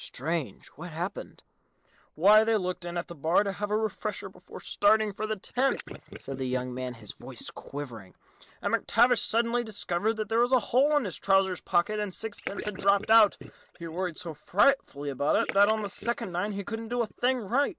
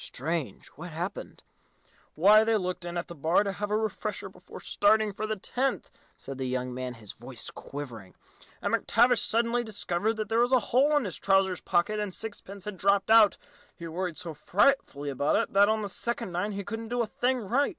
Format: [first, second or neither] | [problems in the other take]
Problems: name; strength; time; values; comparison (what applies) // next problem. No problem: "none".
second | noise reduction (neural mask model Resemble Enhance denoiser)